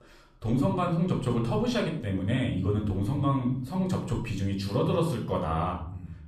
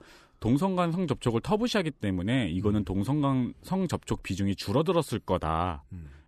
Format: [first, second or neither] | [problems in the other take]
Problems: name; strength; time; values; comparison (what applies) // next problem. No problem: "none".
second | off-mic speech; somewhat distant // room echo; slight; dies away in 0.7 s